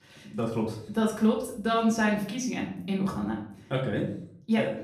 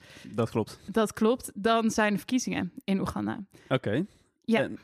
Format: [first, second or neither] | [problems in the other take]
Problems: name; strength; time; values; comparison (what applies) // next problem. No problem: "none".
second | room echo; slight; dies away in 0.5 s // off-mic speech; far